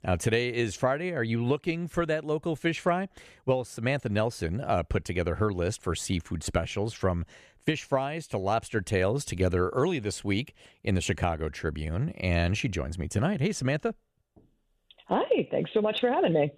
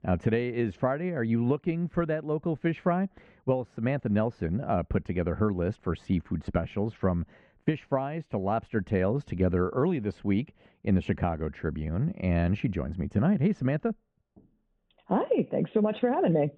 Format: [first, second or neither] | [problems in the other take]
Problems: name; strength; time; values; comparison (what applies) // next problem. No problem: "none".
first | muffled; very; fading above 1.5 kHz